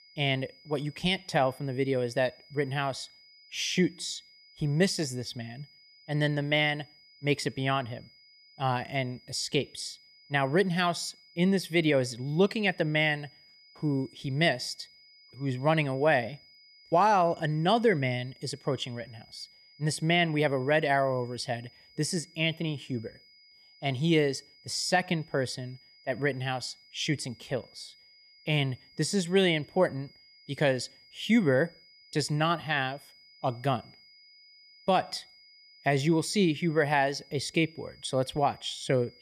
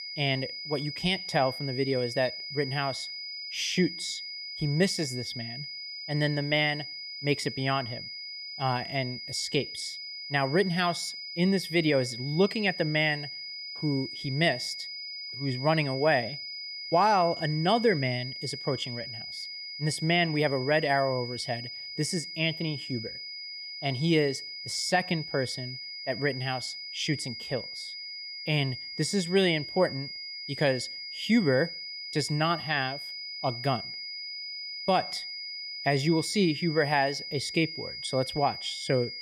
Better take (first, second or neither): first